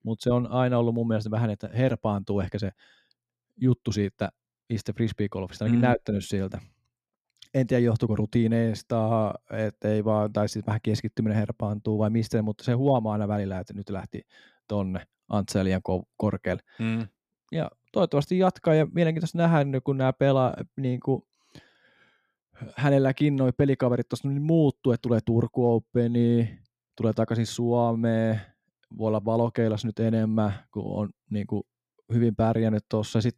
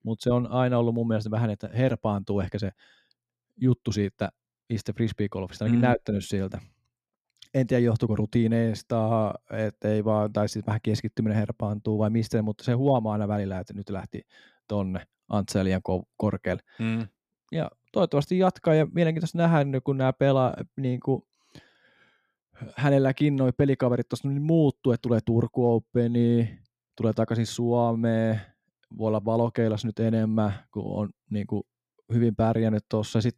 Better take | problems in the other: neither | none

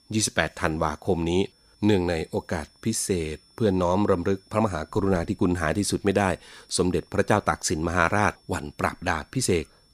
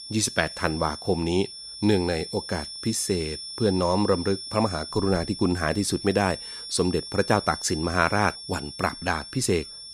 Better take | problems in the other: first | high-pitched whine; loud; throughout; 5.5 kHz, 10 dB below the speech; faint in the first

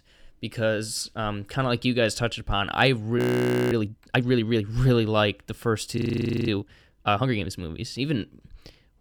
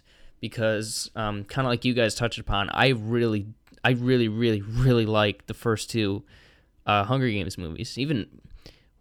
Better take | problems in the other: second | audio freezing; at 3 s for 0.5 s and at 6 s for 0.5 s

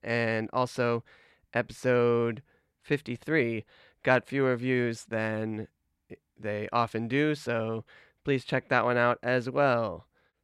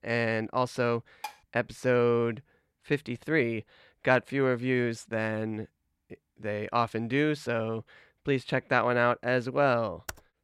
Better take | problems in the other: first | clattering dishes; faint; at 1 s; peak 15 dB below the speech // keyboard typing; very faint; at 10 s; peak 15 dB below the speech

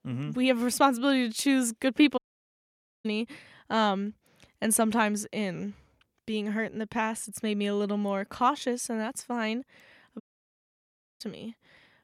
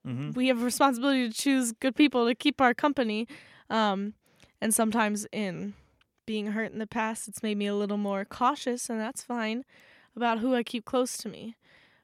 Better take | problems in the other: second | audio cutting out; at 2 s for 1 s and at 10 s for 1 s

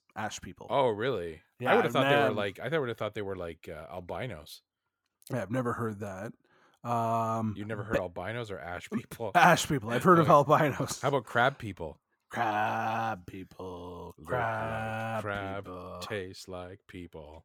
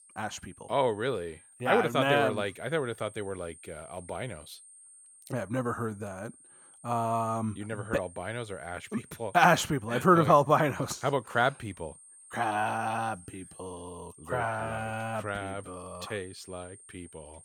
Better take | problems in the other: first | high-pitched whine; faint; throughout; 8.5 kHz, 20 dB below the speech

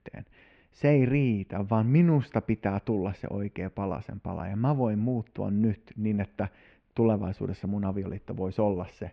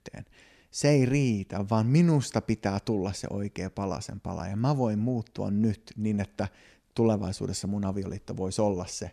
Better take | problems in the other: second | muffled; very; fading above 2.5 kHz

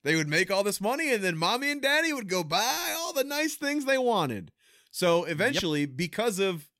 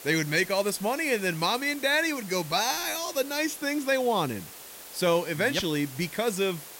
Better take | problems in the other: first | hiss; noticeable; throughout; 15 dB below the speech

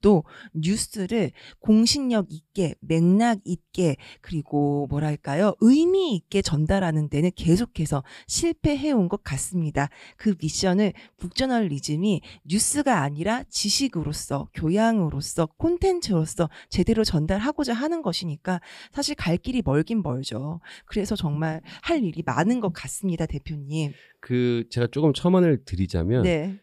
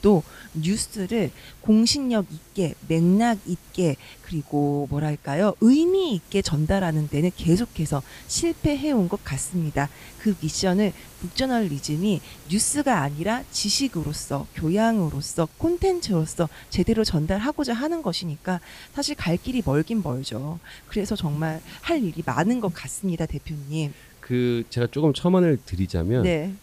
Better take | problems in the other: first | hiss; faint; throughout; 25 dB below the speech

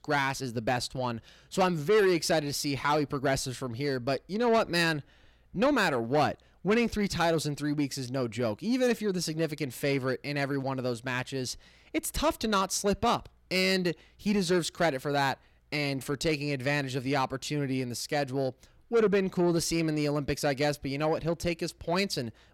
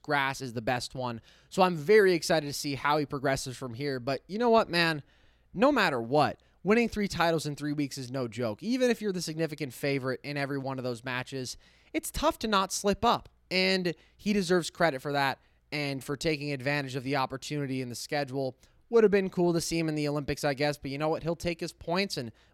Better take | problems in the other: second | distortion; slight; 10 dB below the speech

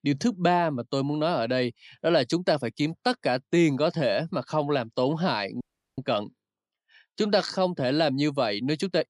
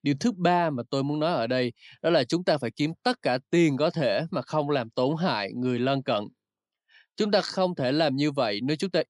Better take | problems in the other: second | audio cutting out; at 5.5 s

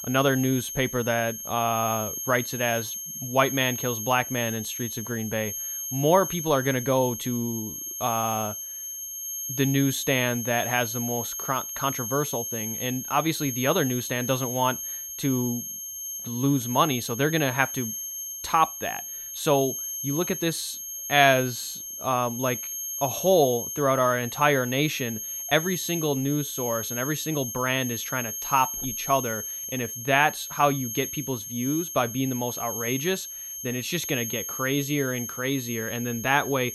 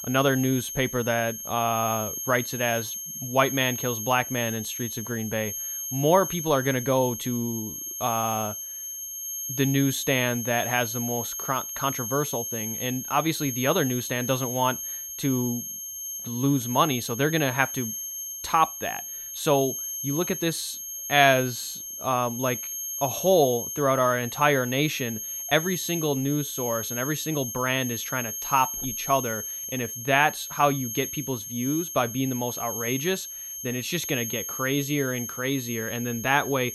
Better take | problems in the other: neither | high-pitched whine; loud; throughout; 6.5 kHz, 5 dB below the speech; the same in both

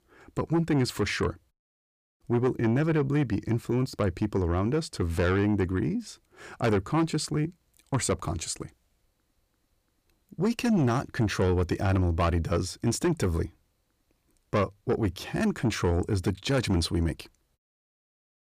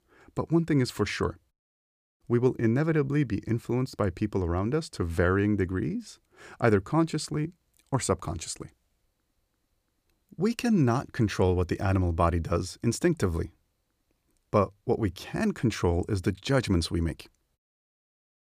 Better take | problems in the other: second | distortion; slight; 10 dB below the speech

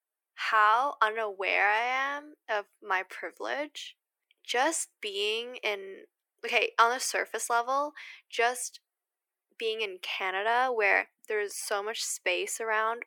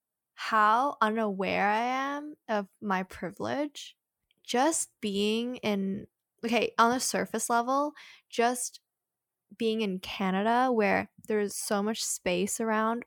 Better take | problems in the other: second | thin; very; fading below 350 Hz

